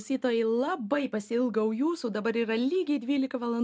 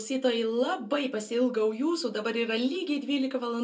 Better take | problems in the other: first | room echo; dies away in 0.2 s

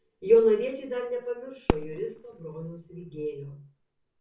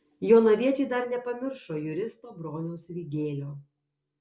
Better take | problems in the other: second | background sound (Fireworks); 9 dB below the speech // room echo; dies away in 0.3 s

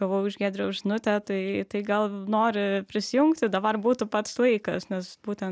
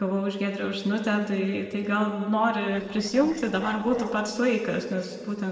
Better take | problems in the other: first | noise reduction (neural separator model SepFormer DNS4)

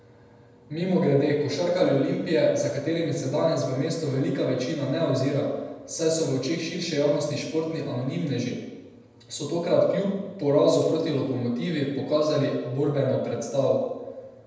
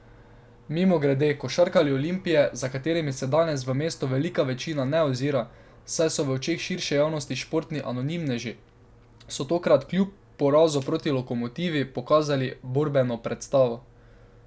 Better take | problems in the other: second | room echo; dies away in 1 s

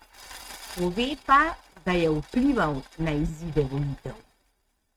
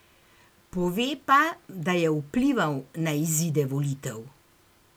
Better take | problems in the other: second | noise reduction (neural mask model RNNoise)

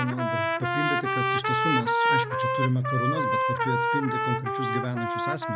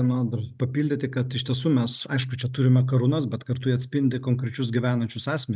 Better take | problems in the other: second | background sound (Trumpet); 4 dB above the speech

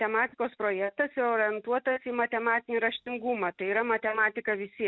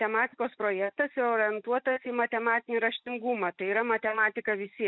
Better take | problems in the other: first | noise reduction (neural mask model Resemble Enhance denoiser)

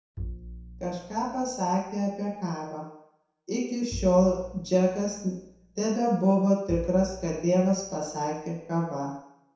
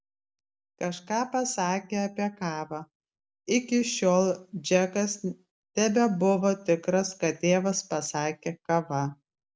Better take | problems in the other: second | background sound (Bowed string instrument); 15 dB below the speech // room echo; dies away in 0.7 s

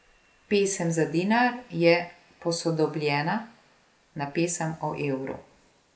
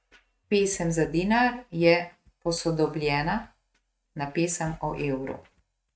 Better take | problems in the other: first | noise reduction (neural mask model RNNoise)

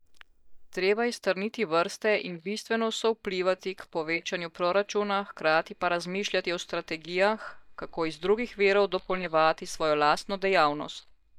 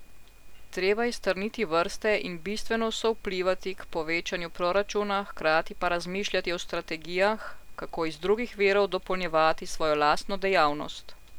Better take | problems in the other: second | noise reduction (neural mask model DeepFilterNet 3)

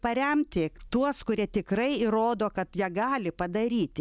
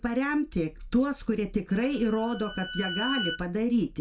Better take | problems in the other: first | background sound (Bowed string instrument); 10 dB below the speech // room echo; dies away in 0.2 s

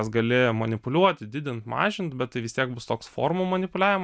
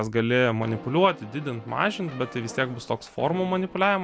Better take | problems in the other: first | background sound (Brass instrument); 17 dB below the speech

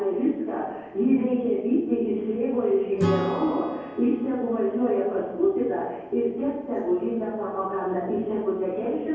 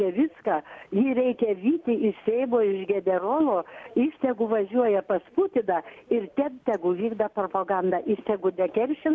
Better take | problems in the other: second | background sound (Acoustic guitar / Strum); 13 dB below the speech // room echo; dies away in 1.3 s

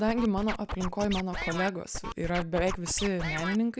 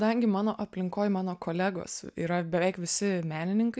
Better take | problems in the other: second | background sound (Scratching (performance technique)); 6 dB below the speech

